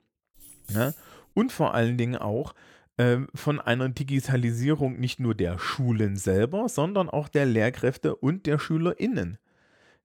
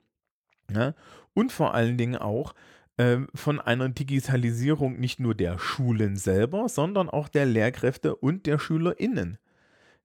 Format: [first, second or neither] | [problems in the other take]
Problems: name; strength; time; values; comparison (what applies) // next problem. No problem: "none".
second | jangling keys; faint; at 0.5 s; peak 10 dB below the speech